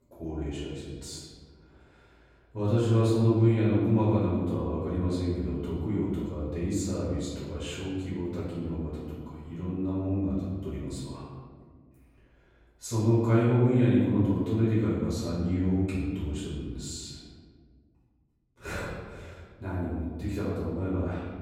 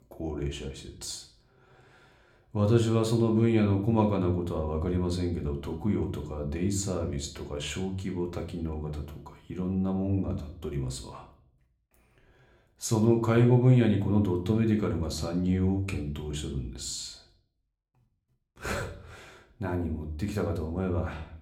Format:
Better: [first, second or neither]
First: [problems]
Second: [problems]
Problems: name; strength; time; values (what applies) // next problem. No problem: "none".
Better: second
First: room echo; strong; dies away in 1.7 s // off-mic speech; far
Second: room echo; slight; dies away in 0.5 s // off-mic speech; somewhat distant